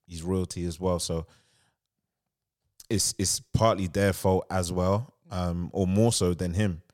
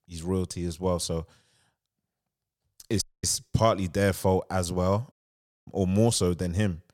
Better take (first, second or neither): first